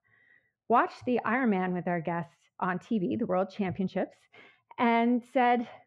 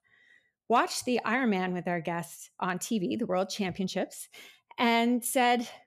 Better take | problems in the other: second | muffled; very; fading above 1.5 kHz

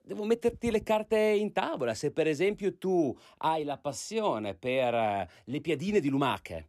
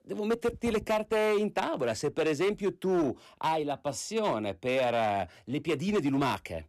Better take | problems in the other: first | distortion; slight; 10% of the sound clipped

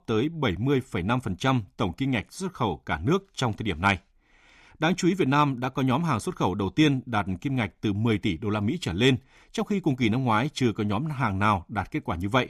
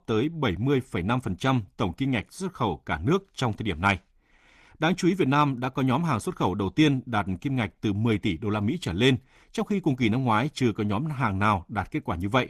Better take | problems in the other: first | garbled, watery; slightly; nothing above 14.5 kHz

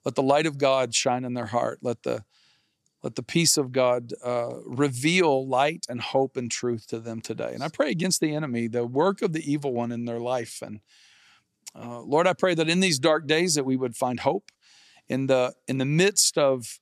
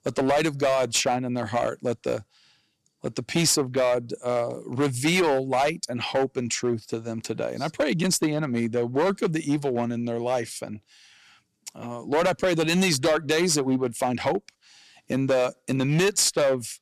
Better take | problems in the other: first | distortion; slight; 8% of the sound clipped

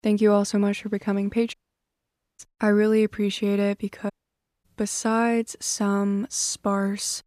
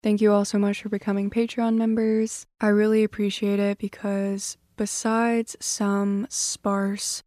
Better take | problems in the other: second | audio cutting out; at 1.5 s for 1 s and at 4 s for 0.5 s

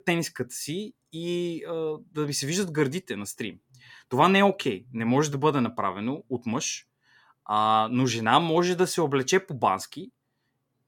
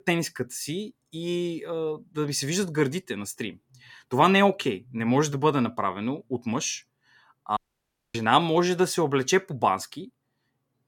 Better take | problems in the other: first | audio cutting out; at 7.5 s for 0.5 s

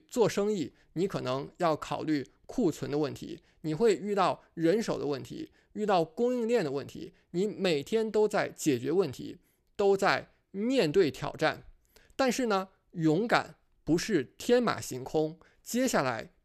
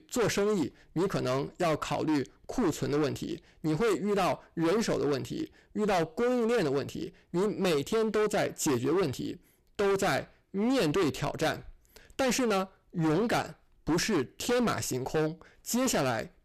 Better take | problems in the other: first | distortion; heavy; 19% of the sound clipped

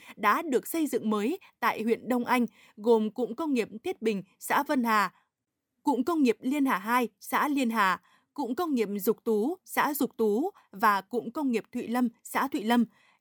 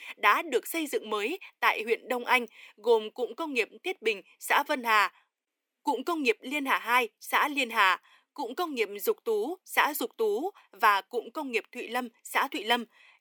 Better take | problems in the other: first | thin; somewhat; fading below 350 Hz

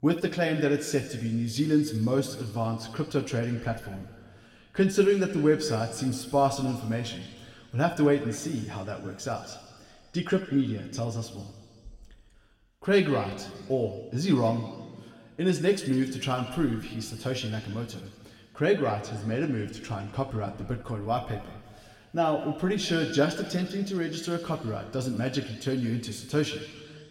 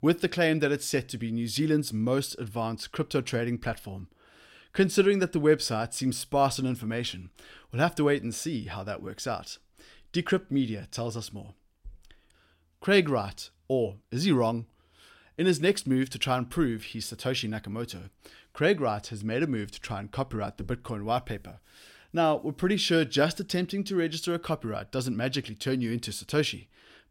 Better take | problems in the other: second | room echo; slight; dies away in 1.6 s // off-mic speech; somewhat distant

